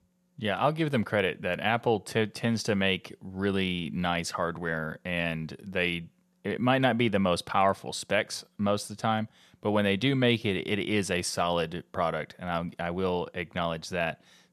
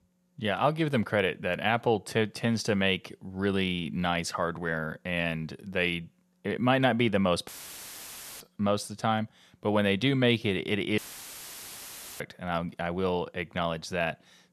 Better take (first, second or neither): first